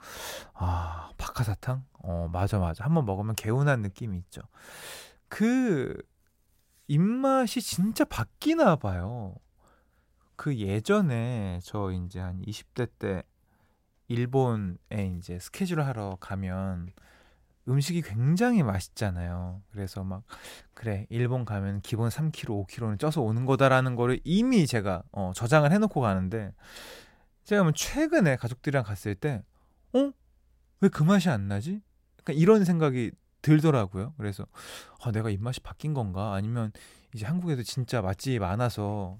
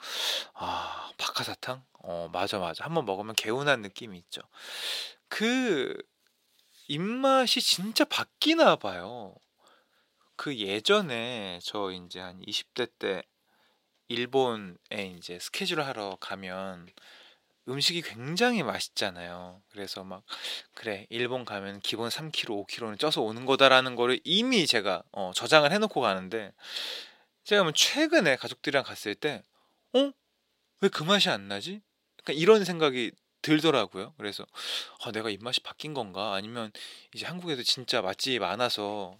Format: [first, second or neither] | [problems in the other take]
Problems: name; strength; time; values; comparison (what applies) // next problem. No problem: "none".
first | thin; somewhat; fading below 350 Hz